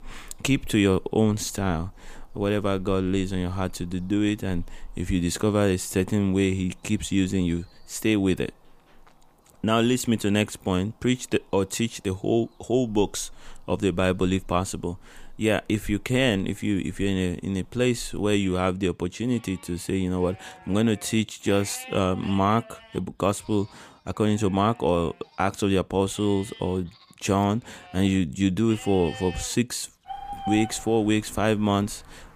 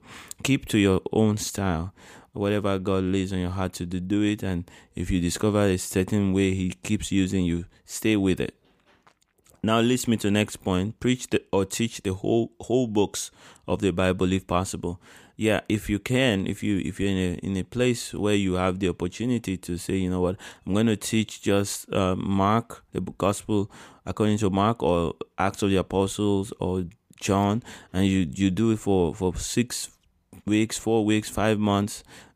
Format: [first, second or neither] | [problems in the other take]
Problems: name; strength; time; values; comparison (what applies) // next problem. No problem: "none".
second | animal sounds; noticeable; throughout; 20 dB below the speech